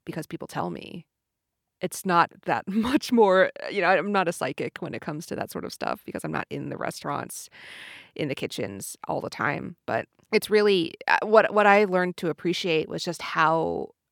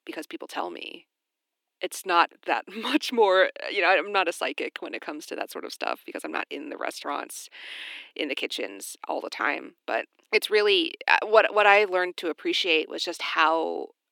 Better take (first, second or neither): first